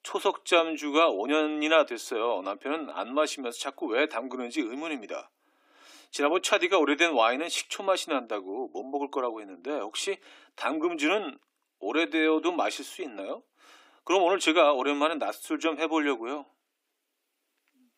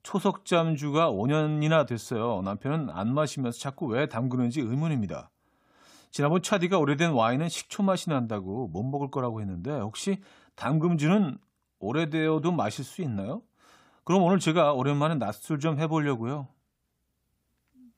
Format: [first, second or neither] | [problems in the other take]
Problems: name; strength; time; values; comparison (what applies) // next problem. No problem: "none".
second | thin; somewhat; fading below 300 Hz